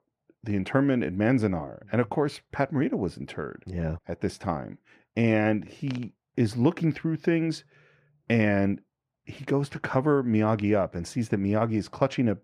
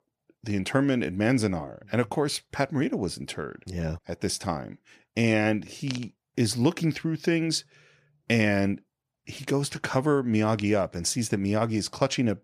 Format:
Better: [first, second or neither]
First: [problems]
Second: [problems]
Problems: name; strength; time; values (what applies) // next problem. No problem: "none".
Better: second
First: muffled; slightly; fading above 3 kHz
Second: none